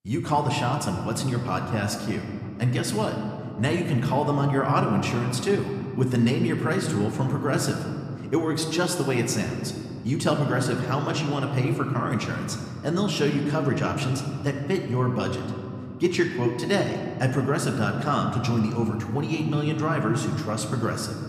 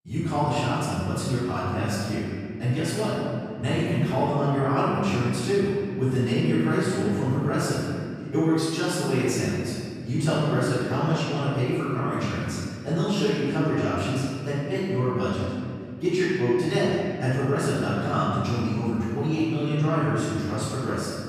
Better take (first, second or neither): first